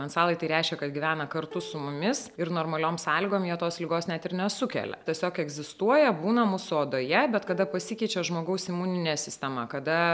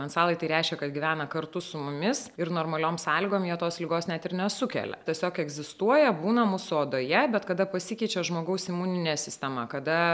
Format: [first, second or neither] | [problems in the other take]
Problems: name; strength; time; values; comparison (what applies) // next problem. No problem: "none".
second | background sound (Plucked string instrument); 20 dB below the speech